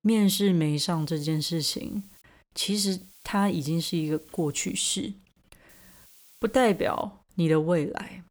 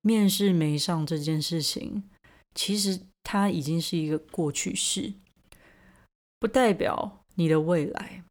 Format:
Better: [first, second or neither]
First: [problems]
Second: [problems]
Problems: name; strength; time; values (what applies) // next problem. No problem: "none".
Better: second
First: hiss; faint; from 1 to 2 s, from 3 to 5 s and from 5.5 to 7 s; 25 dB below the speech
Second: none